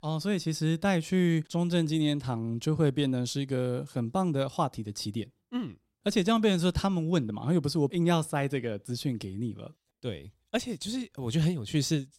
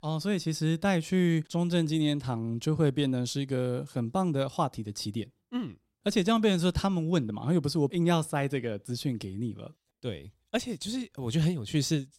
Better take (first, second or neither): neither